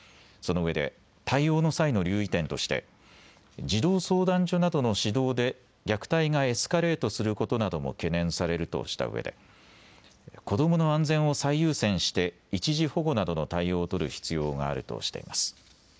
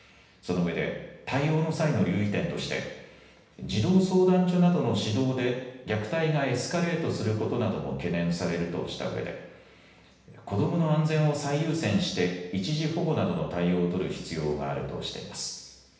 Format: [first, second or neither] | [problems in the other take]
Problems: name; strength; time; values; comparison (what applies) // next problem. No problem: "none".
first | room echo; dies away in 0.9 s